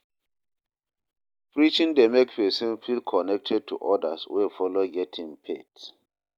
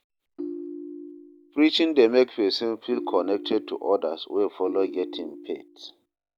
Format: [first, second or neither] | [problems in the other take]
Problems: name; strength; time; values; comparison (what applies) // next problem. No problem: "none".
first | background sound (Ringtone); 12 dB below the speech